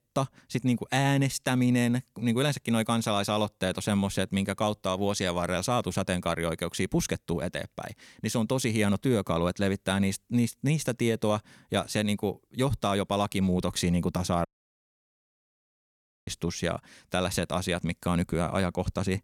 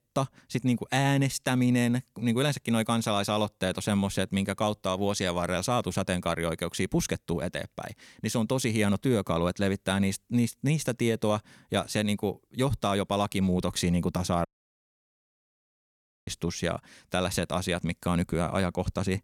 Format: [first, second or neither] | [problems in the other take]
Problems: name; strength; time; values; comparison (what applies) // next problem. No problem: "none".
neither | audio cutting out; at 14 s for 2 s; the same in both